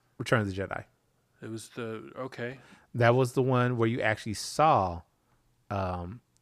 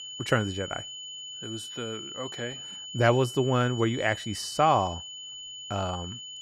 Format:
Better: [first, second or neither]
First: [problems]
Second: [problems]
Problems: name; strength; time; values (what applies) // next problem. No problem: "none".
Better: first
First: none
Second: high-pitched whine; noticeable; throughout; 3 kHz, 10 dB below the speech